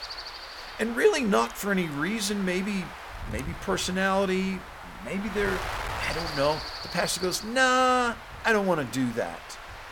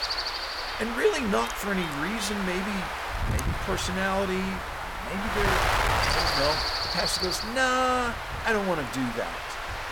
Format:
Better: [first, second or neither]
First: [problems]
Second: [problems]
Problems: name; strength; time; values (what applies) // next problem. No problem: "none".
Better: first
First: wind noise on the microphone; occasional gusts; 10 dB below the speech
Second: wind noise on the microphone; heavy; as loud as the speech